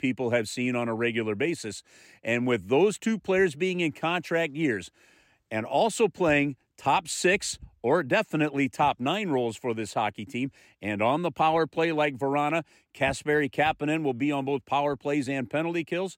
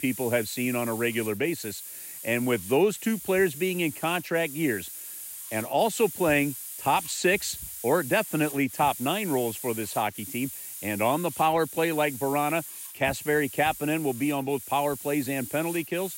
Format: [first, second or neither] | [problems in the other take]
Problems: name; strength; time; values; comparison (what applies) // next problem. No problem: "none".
first | hiss; noticeable; throughout; 10 dB below the speech